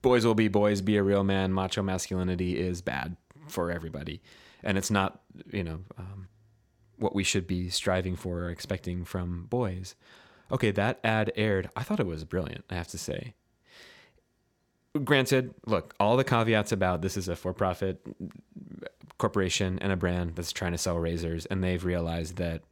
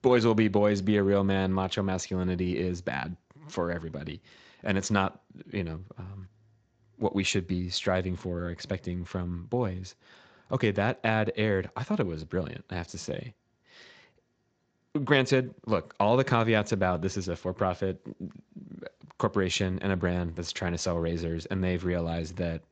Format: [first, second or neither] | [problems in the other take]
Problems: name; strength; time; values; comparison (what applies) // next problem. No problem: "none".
first | garbled, watery; slightly; nothing above 7.5 kHz